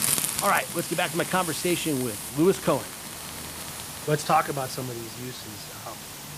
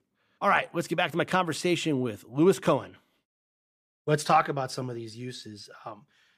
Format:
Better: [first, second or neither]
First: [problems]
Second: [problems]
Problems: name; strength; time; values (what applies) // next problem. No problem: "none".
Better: second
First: hiss; loud; throughout; 6 dB below the speech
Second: none